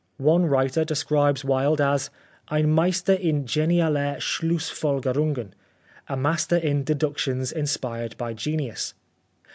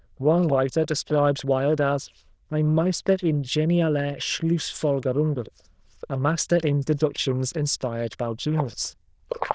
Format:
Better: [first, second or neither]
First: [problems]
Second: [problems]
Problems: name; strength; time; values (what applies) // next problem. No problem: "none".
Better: first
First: none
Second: noise reduction (neural diffusion model UNIVERSE++)